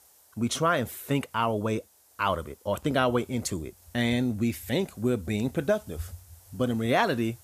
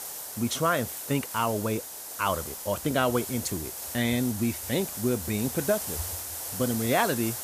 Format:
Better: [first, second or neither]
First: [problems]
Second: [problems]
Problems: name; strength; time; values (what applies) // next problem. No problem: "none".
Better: first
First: hiss; faint; throughout; 25 dB below the speech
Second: hiss; loud; throughout; 6 dB below the speech